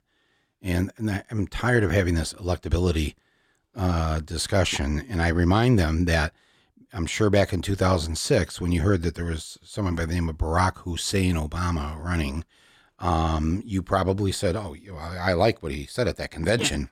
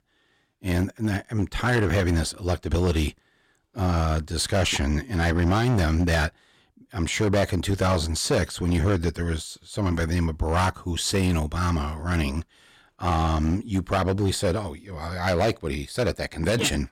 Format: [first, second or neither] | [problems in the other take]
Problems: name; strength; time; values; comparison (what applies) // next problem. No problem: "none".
first | distortion; slight; 7% of the sound clipped